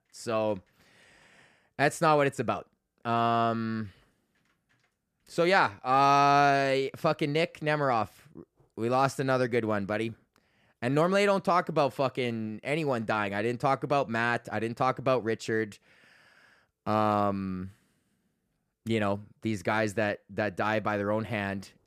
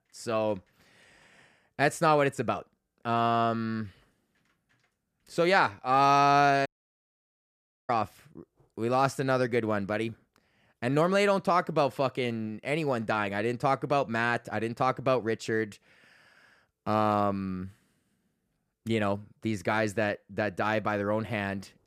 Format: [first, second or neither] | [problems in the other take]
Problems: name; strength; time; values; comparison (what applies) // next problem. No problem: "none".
first | audio cutting out; at 6.5 s for 1 s